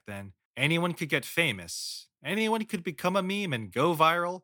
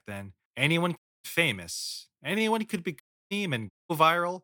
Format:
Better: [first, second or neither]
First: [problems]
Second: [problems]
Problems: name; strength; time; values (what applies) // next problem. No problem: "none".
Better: first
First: none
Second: audio cutting out; at 1 s, at 3 s and at 3.5 s